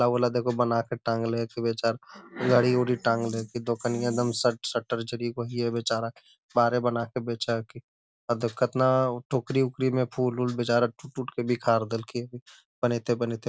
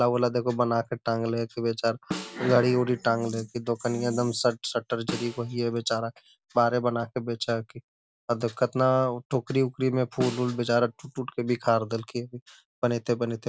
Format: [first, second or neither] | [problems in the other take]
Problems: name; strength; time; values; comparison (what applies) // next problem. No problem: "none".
first | background sound (Snare drum); 14 dB below the speech